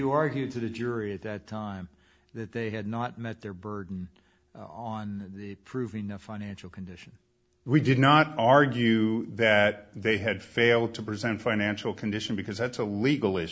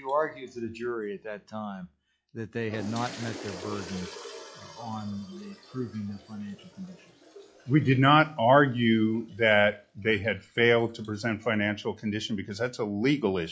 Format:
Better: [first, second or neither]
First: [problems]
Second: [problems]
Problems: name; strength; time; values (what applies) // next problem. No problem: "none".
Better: first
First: none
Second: noise reduction (classical method log-MMSE)